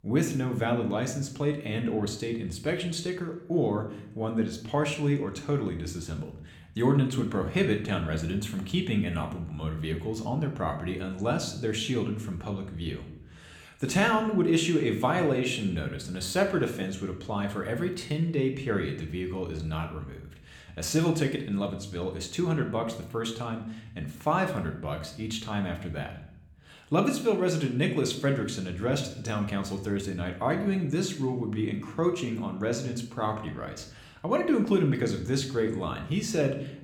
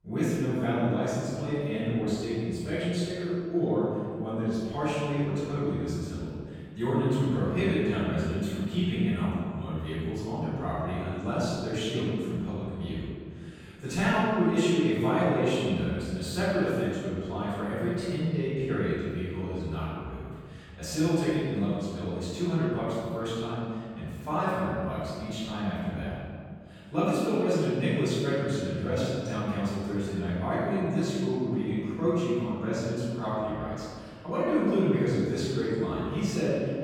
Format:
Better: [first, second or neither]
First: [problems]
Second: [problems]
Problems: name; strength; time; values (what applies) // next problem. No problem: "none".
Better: first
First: room echo; slight; dies away in 0.6 s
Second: room echo; strong; dies away in 2.1 s // off-mic speech; far